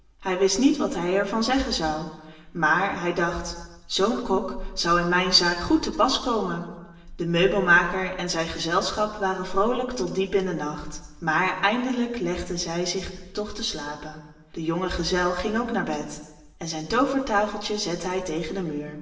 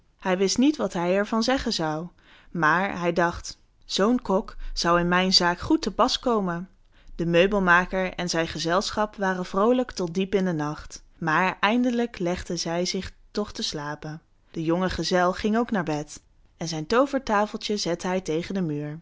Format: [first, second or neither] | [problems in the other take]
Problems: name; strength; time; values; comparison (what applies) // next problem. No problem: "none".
second | room echo; dies away in 1.1 s